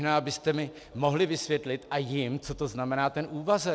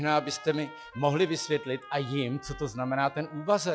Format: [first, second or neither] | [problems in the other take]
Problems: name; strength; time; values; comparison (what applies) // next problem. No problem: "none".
first | noise reduction (classical method log-MMSE)